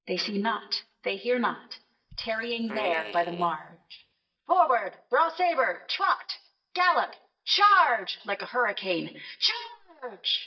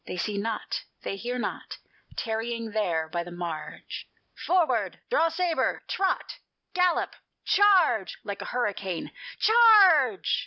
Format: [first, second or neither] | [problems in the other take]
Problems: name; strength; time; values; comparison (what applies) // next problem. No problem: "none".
second | noise reduction (neural mask model DeepFilterNet 3)